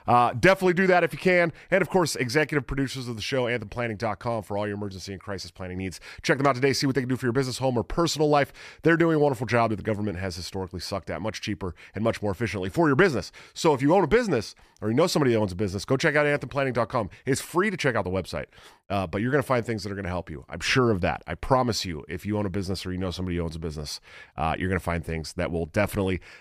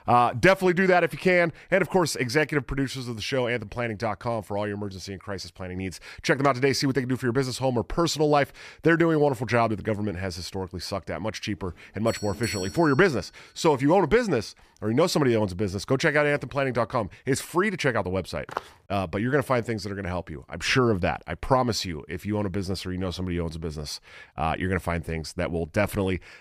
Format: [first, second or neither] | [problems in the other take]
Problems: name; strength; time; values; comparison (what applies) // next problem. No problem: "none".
first | doorbell; noticeable; from 12 to 13 s; peak 9 dB below the speech // footsteps; faint; at 18 s; peak 10 dB below the speech